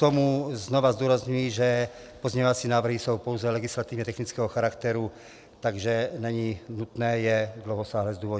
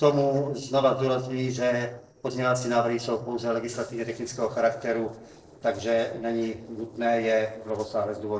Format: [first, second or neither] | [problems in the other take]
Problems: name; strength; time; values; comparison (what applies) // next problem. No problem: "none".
first | noise reduction (neural separator model SepFormer DNS4)